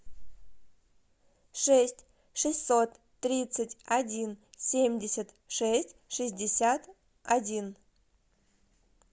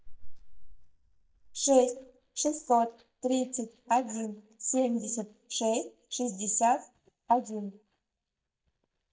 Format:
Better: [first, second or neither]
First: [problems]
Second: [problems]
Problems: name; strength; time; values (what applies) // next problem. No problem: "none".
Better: first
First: none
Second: noise reduction (neural mask model DeepFilterNet 3)